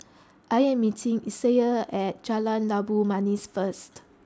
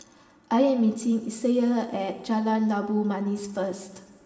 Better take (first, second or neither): first